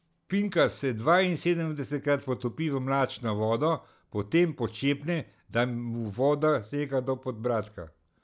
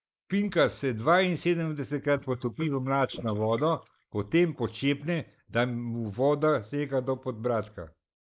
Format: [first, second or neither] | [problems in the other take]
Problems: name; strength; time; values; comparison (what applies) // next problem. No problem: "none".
first | noise reduction (neural mask model Resemble Enhance denoiser)